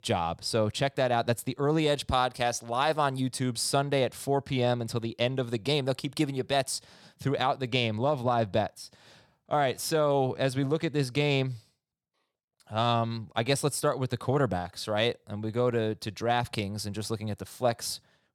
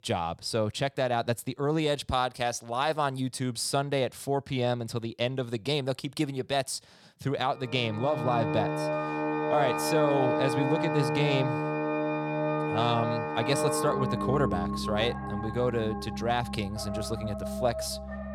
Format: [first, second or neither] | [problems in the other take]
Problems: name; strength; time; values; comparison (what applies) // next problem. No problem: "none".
first | background music; loud; from 8 s on; 1 dB below the speech